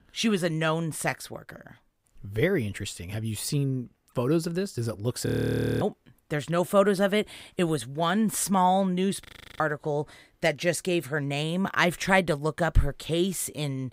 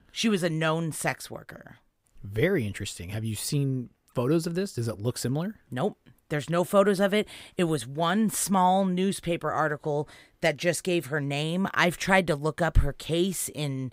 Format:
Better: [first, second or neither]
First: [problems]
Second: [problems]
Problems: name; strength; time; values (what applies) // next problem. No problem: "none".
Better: second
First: audio freezing; at 5.5 s for 0.5 s and at 9.5 s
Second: none